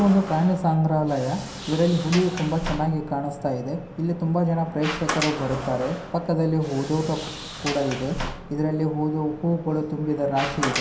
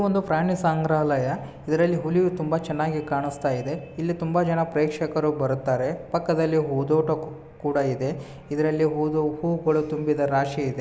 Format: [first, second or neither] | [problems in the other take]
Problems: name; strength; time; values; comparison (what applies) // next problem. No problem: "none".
second | background sound (Sliding door); 10 dB below the speech // room echo; dies away in 0.3 s